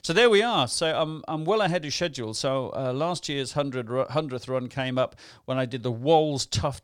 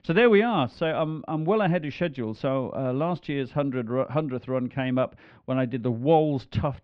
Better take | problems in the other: first | muffled; very; fading above 2.5 kHz

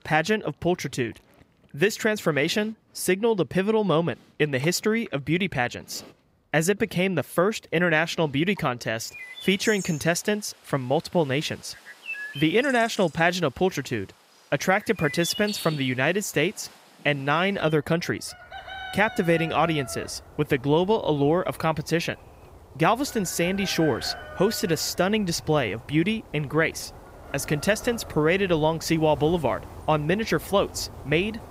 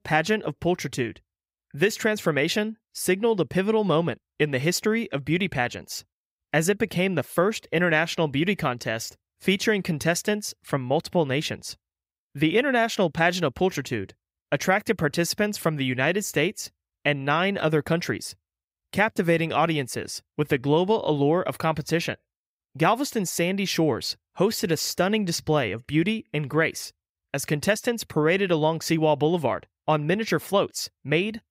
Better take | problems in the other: second | animal sounds; noticeable; throughout; 15 dB below the speech

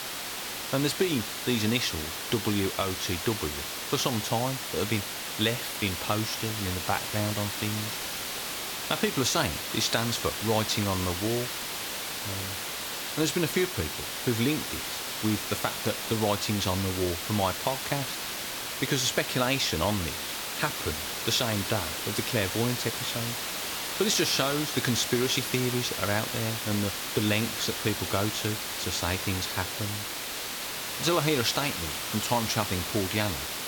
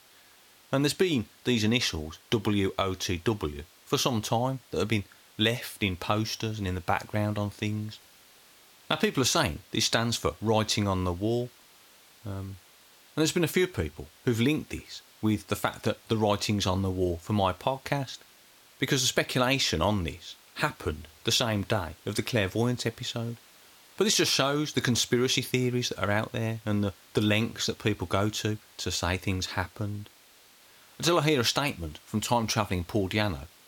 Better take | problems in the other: second | hiss; loud; throughout; 2 dB below the speech; faint in the second

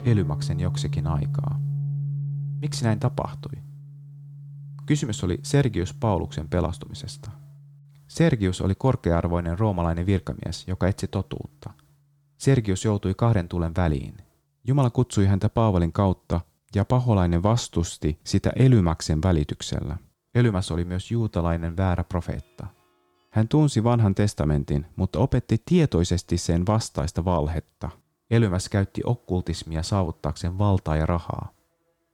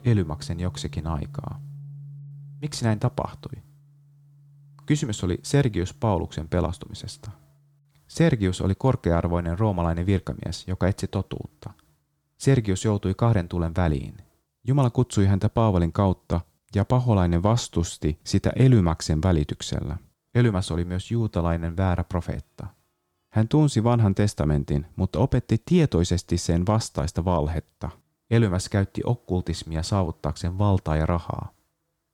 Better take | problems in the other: second | background music; loud; throughout; 8 dB below the speech; faint in the second

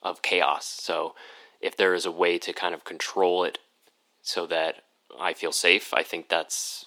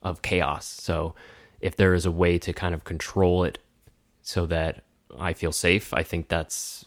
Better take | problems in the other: second | thin; very; fading below 300 Hz

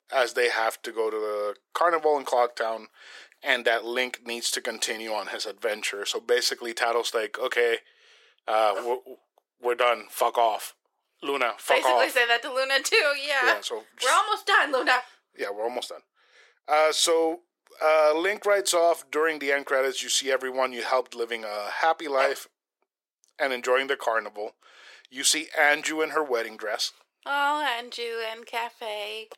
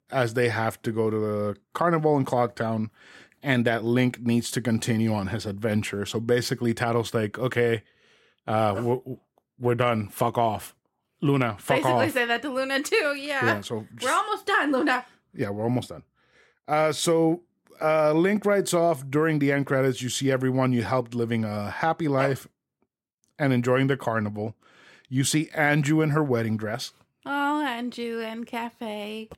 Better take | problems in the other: second | thin; very; fading below 450 Hz

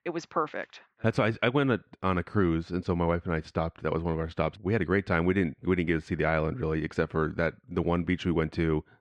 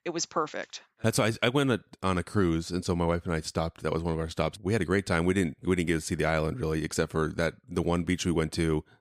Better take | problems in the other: second | muffled; slightly; fading above 2 kHz

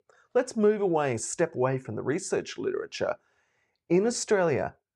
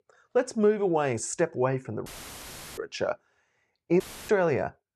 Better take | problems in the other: first | audio cutting out; filled with static; at 2 s for 0.5 s and at 4 s

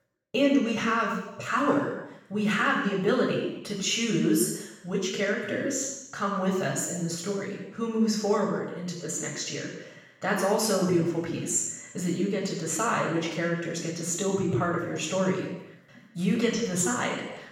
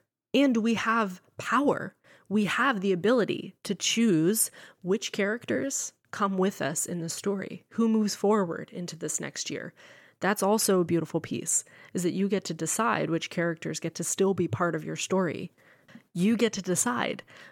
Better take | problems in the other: second | room echo; noticeable; dies away in 0.9 s // off-mic speech; far

